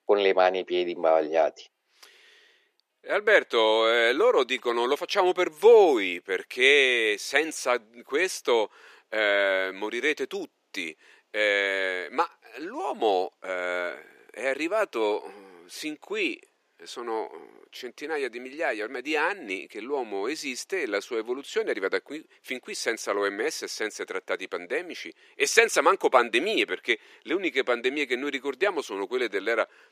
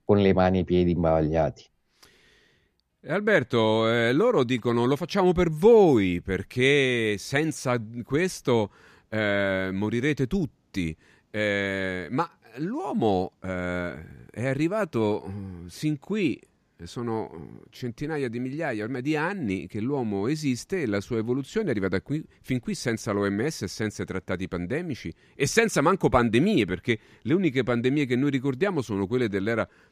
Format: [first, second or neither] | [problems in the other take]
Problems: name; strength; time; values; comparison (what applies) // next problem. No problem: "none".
second | thin; very; fading below 400 Hz